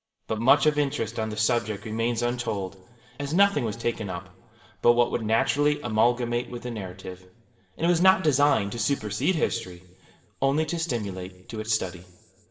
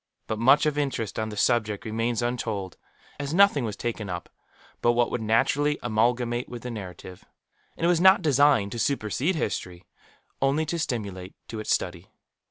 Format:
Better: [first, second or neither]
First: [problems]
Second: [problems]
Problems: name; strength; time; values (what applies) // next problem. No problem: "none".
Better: second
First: room echo; dies away in 1.6 s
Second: none